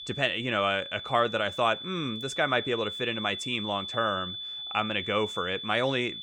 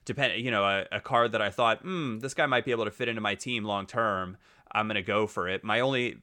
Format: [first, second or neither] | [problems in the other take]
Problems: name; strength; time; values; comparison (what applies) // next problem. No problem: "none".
second | high-pitched whine; loud; throughout; 3.5 kHz, 7 dB below the speech